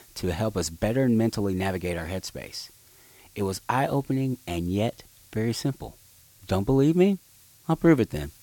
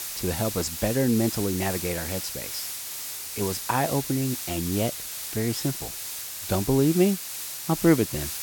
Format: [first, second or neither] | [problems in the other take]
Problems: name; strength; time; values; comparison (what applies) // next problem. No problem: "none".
first | hiss; loud; throughout; 5 dB below the speech; faint in the first